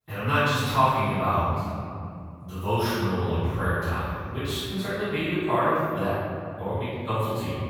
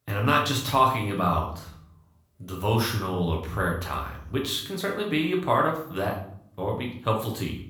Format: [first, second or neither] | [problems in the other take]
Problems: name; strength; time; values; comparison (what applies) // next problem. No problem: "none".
second | room echo; strong; dies away in 2.8 s; slight in the second // off-mic speech; far; far in the second